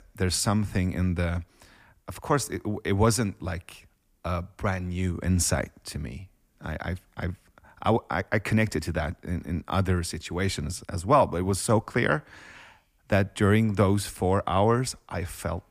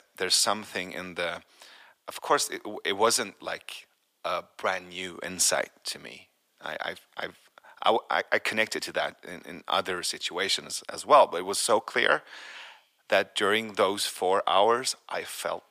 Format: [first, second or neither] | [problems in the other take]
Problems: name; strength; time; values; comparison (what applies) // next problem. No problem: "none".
first | thin; very; fading below 550 Hz